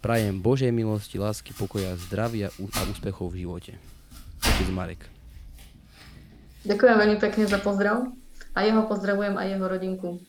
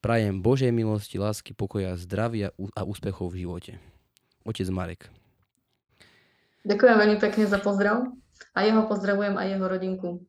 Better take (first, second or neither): second